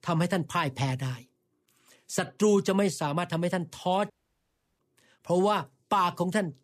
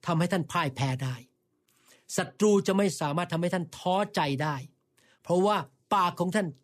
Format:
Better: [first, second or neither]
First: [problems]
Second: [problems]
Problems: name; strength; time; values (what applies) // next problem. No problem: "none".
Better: second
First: audio cutting out; at 4 s for 0.5 s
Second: none